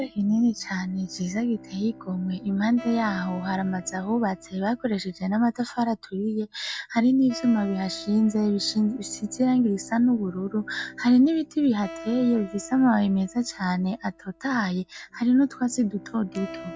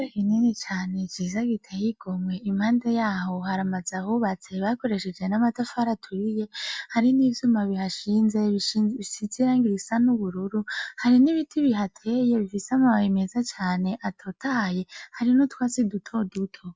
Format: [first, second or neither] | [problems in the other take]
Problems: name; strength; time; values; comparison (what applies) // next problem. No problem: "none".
second | background sound (Acoustic guitar + Bowed string instrument); 19 dB below the speech